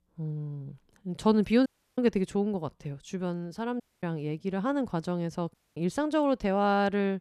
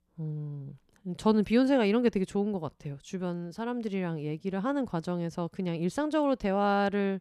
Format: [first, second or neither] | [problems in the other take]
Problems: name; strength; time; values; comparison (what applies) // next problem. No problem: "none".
second | audio cutting out; at 1.5 s, at 4 s and at 5.5 s